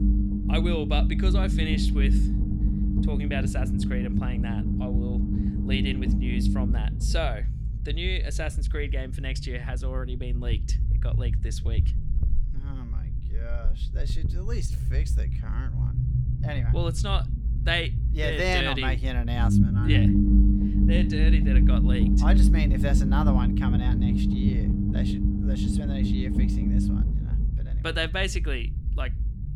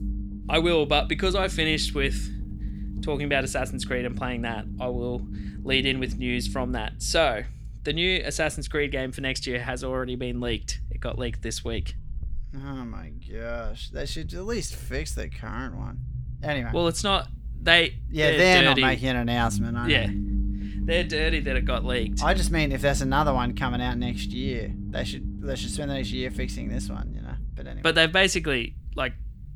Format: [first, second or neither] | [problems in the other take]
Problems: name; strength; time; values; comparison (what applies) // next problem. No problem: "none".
second | low rumble; loud; throughout; 3 dB below the speech; faint in the second